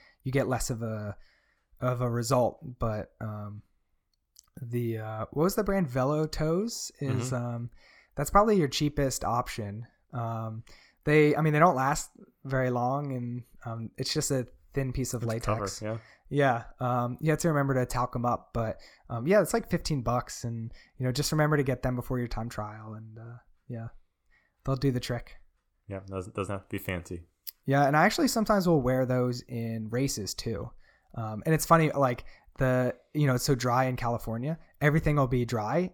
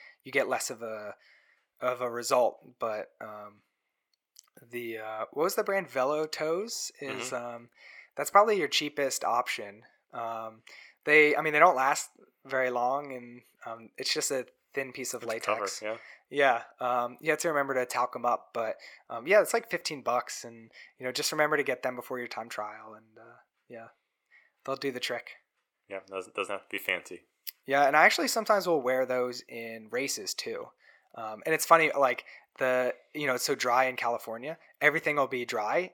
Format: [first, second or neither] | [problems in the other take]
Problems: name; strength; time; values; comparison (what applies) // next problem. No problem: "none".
first | thin; very; fading below 500 Hz